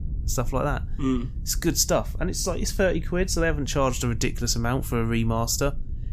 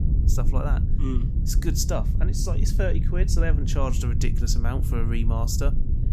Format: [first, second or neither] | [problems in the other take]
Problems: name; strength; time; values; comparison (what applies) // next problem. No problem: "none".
first | low rumble; loud; throughout; 7 dB below the speech; faint in the first